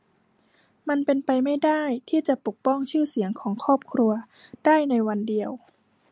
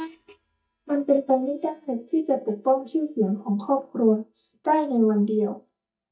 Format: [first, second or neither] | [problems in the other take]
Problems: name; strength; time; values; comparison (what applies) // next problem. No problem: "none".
first | noise reduction (neural mask model DeepFilterNet 3)